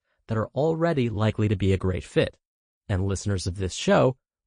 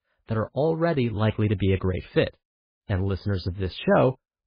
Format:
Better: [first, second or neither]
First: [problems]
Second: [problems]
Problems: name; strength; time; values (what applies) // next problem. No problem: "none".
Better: first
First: garbled, watery; slightly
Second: garbled, watery; badly